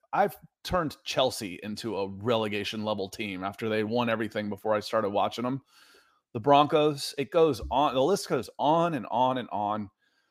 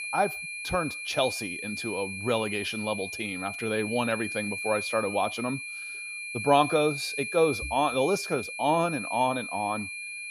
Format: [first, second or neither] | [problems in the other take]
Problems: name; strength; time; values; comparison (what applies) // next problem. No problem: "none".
first | high-pitched whine; loud; throughout; 2.5 kHz, 5 dB below the speech